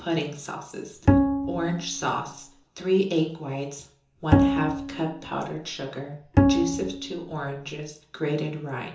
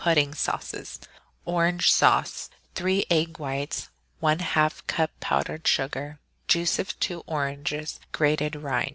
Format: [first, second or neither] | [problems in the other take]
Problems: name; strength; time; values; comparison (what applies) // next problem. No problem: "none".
second | background sound (Bowed string instrument); 5 dB above the speech // room echo; dies away in 0.6 s